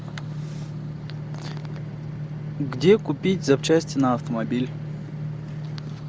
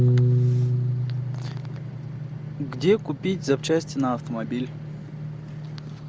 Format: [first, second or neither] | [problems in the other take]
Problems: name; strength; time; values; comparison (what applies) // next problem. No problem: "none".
first | background sound (Piano); 1 dB above the speech